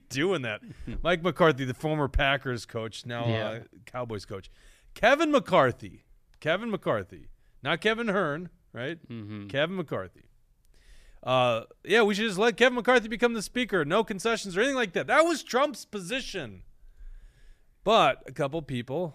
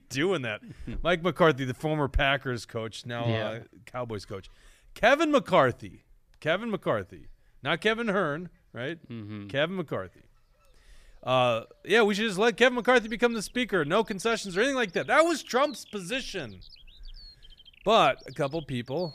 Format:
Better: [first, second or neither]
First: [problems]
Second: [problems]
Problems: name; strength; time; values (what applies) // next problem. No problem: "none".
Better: first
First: none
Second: animal sounds; faint; throughout; 25 dB below the speech